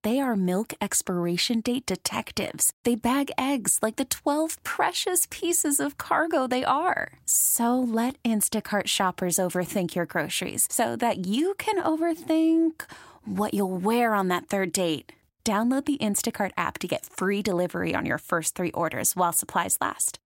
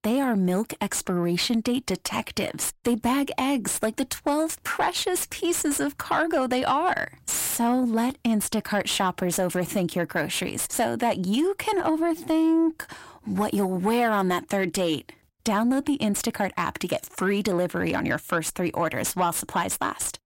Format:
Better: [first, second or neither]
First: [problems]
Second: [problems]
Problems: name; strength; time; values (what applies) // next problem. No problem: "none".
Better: first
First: none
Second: distortion; slight; 10 dB below the speech